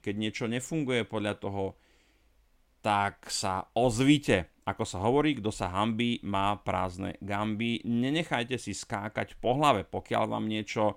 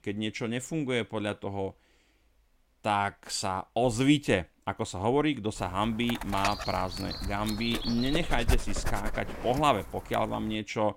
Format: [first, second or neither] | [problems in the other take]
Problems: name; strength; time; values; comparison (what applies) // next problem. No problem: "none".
first | dog barking; noticeable; from 6 to 9.5 s; peak 1 dB below the speech